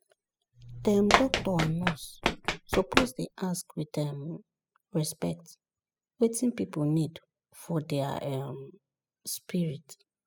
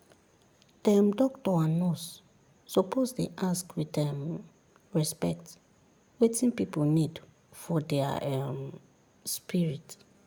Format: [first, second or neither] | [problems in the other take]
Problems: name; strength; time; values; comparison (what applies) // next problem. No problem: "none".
second | noise reduction (classical method spectral subtraction)